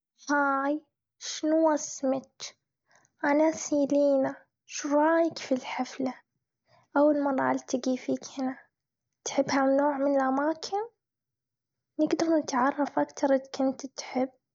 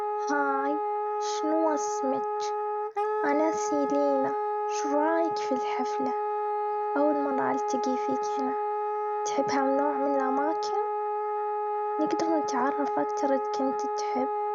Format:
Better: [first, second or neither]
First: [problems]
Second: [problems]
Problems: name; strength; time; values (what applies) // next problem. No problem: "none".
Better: first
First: none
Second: background sound (Wind instrument, woodwind instrument); 2 dB above the speech